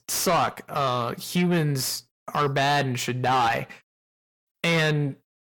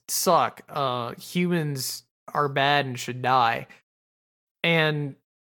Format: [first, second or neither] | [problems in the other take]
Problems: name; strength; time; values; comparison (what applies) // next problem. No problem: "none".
second | distortion; heavy; 7 dB below the speech